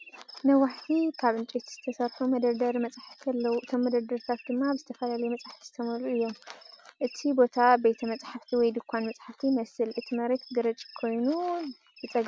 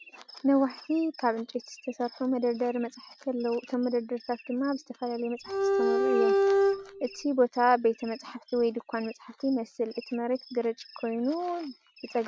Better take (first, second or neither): first